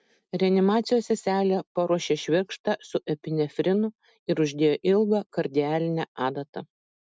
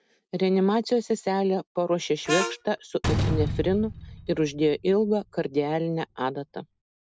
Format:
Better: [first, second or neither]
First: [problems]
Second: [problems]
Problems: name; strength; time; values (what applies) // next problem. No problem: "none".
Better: first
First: none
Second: background sound (Harmonica + Slam); 6 dB below the speech